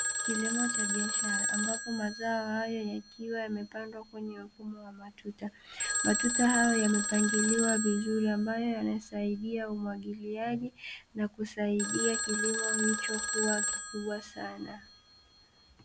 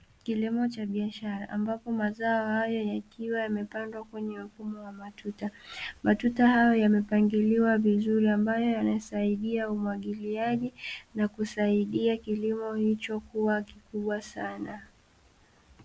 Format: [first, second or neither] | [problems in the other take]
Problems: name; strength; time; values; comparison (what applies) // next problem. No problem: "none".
second | background sound (Telephone); 1 dB below the speech